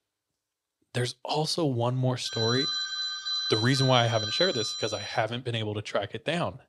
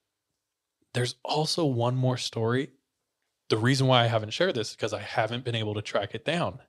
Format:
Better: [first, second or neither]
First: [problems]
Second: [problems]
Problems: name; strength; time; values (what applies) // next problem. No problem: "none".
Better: second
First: phone ringing; loud; from 2.5 to 5 s; peak 1 dB above the speech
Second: none